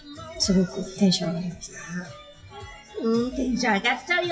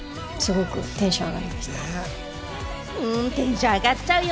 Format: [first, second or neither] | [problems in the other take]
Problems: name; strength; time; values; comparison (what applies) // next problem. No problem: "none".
second | noise reduction (classical method WPE with log-MMSE)